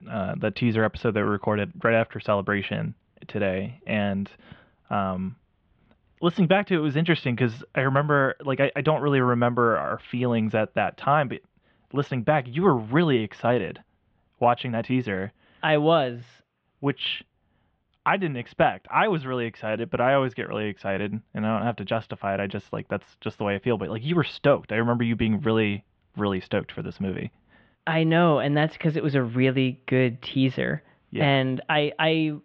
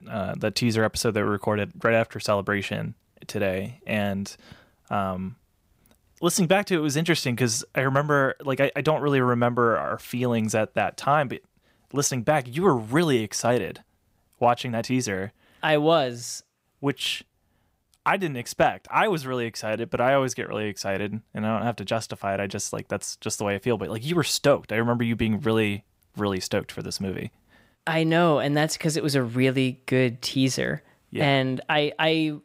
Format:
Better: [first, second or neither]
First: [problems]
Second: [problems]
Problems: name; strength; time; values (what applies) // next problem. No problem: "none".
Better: second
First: muffled; very; fading above 3.5 kHz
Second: none